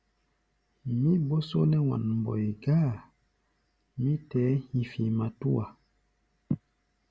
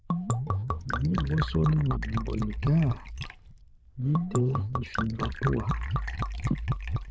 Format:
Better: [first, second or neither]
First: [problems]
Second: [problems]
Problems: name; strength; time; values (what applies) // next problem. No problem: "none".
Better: first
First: none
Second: noise reduction (neural diffusion model UNIVERSE++)